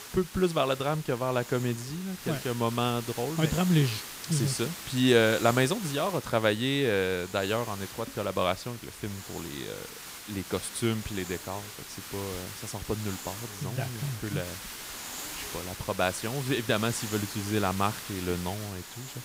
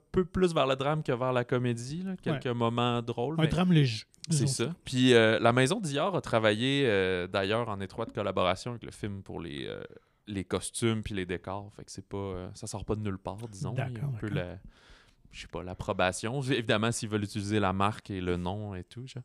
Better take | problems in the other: second | hiss; loud; throughout; 10 dB below the speech

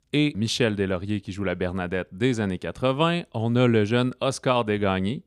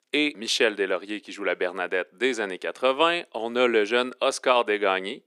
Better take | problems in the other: first | thin; somewhat; fading below 350 Hz

